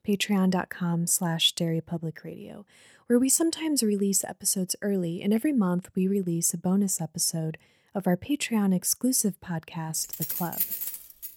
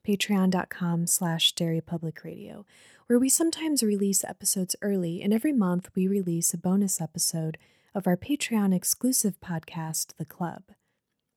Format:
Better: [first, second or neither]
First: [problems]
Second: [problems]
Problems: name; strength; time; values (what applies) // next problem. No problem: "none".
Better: second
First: jangling keys; noticeable; from 10 s on; peak 1 dB below the speech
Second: none